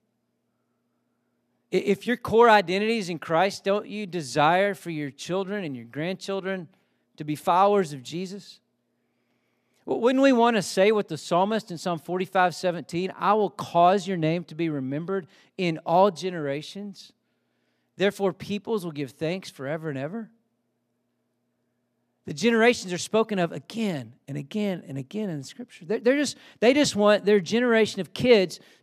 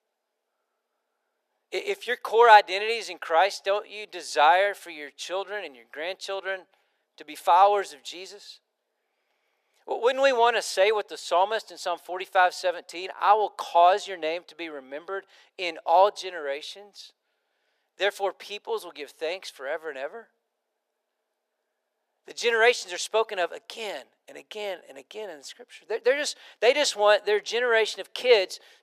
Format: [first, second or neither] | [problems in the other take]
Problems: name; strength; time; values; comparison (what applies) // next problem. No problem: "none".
first | thin; very; fading below 450 Hz